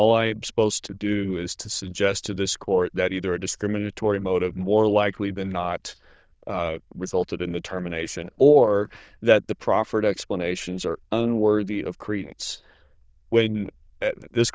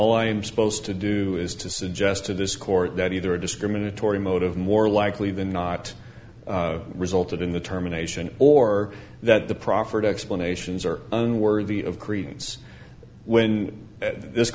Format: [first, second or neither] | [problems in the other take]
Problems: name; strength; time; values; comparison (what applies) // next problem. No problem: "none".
second | noise reduction (neural diffusion model UNIVERSE++)